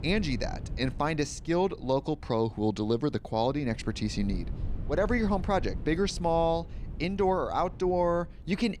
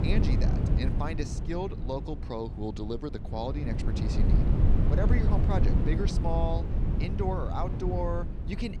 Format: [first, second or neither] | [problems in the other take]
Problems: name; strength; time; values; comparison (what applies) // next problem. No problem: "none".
first | wind noise on the microphone; heavy; 4 dB below the speech; occasional gusts in the first